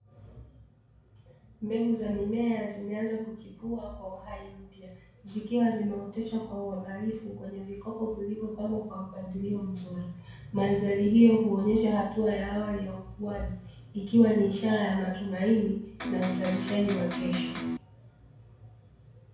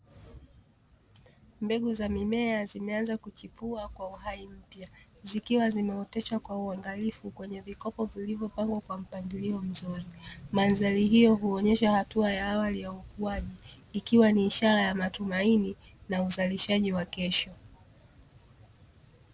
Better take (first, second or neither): second